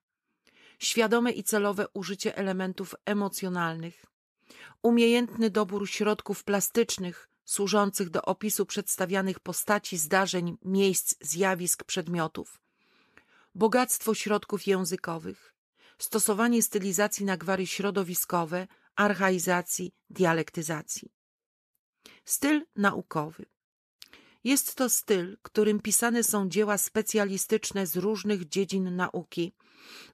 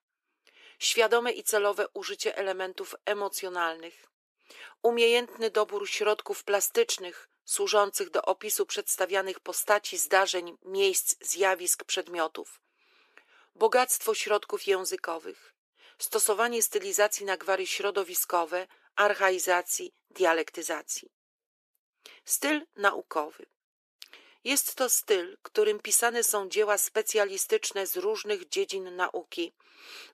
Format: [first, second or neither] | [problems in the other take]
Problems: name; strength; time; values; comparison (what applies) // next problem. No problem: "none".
first | thin; very; fading below 350 Hz